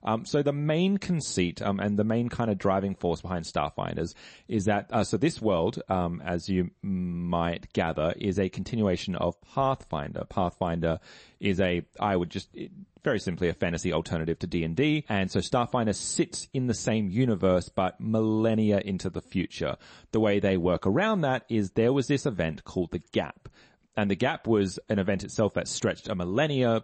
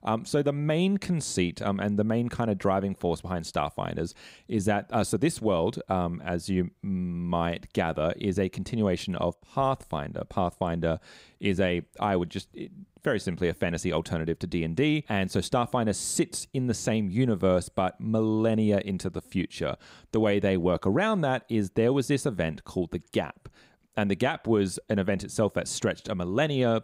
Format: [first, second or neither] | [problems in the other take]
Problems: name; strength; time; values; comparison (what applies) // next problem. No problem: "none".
second | garbled, watery; slightly; nothing above 8 kHz